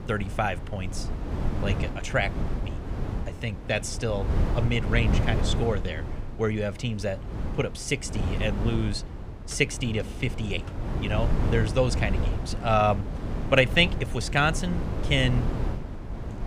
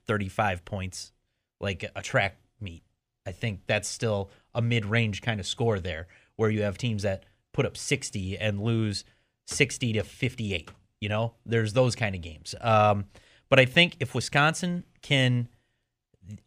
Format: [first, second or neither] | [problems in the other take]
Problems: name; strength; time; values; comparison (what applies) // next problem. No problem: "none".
second | wind noise on the microphone; occasional gusts; 10 dB below the speech